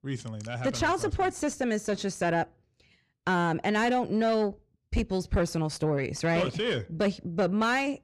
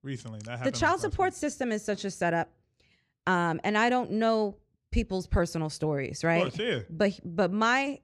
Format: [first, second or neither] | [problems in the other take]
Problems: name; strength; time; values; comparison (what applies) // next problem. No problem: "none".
second | distortion; slight; 10 dB below the speech